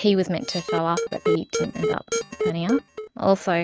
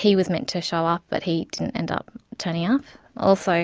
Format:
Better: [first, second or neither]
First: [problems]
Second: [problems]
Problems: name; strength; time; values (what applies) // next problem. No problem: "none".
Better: second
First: noise reduction (neural mask model RNNoise)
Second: none